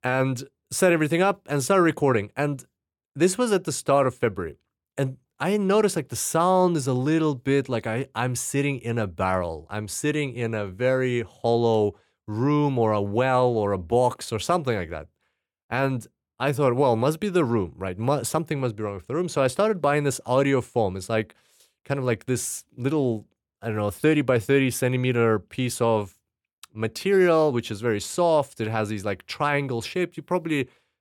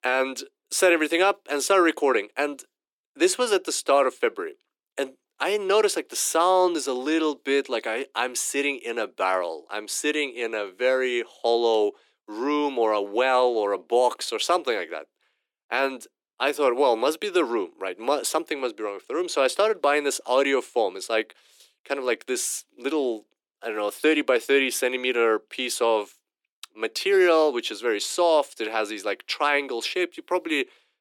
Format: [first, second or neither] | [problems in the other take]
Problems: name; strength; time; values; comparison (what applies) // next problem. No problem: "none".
first | thin; somewhat; fading below 300 Hz